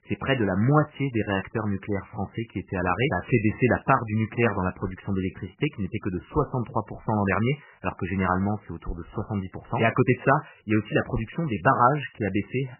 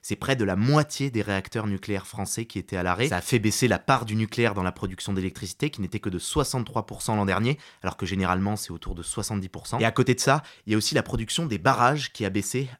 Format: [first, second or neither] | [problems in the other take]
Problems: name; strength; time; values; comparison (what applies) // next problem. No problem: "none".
second | garbled, watery; badly; nothing above 3 kHz